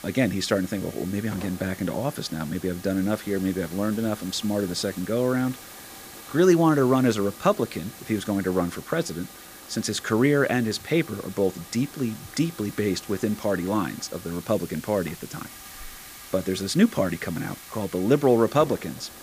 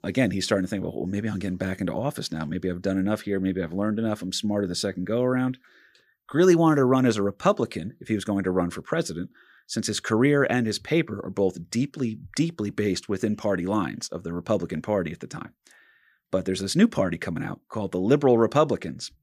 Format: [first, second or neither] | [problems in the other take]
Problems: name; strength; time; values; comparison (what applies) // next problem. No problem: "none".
second | hiss; noticeable; throughout; 15 dB below the speech